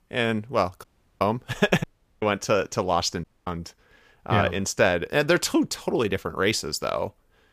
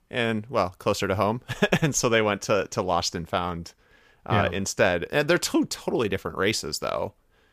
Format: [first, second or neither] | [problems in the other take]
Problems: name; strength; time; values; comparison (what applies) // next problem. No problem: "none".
second | audio cutting out; at 1 s, at 2 s and at 3 s